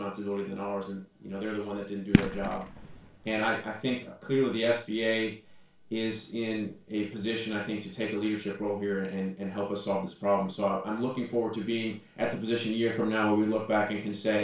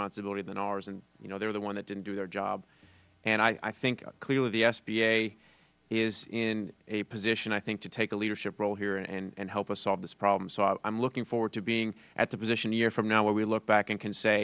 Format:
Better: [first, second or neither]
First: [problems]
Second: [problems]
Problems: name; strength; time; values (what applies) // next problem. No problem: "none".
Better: second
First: background sound (Fireworks); 1 dB above the speech // room echo; dies away in 0.3 s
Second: none